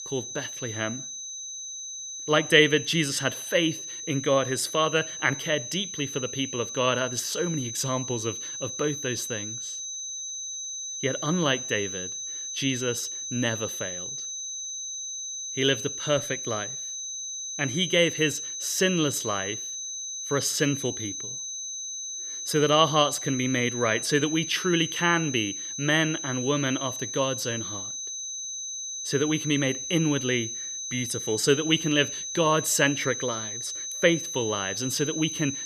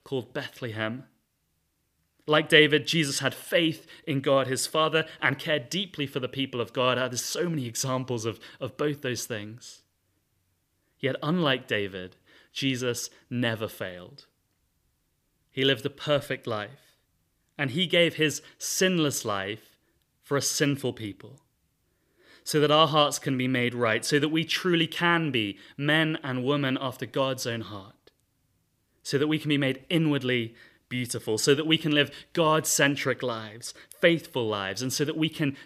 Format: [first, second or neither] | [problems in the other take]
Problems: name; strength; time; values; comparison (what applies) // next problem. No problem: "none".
second | high-pitched whine; loud; throughout; 6 kHz, 6 dB below the speech